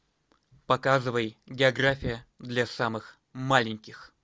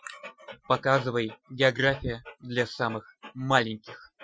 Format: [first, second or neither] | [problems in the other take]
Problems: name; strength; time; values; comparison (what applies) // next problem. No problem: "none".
first | noise reduction (classical method Wiener filter)